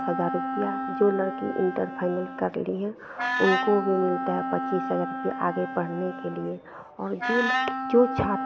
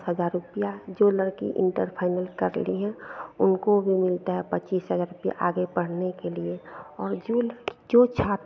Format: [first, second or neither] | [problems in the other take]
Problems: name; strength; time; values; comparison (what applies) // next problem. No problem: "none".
second | background sound (Wind instrument, woodwind instrument); 4 dB below the speech